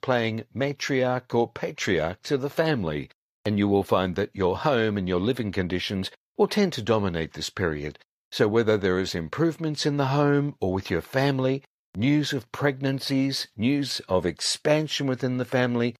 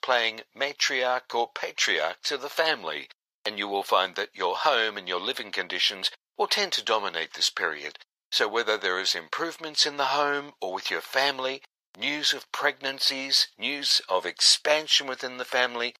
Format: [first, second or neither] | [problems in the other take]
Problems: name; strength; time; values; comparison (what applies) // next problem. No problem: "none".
first | thin; very; fading below 850 Hz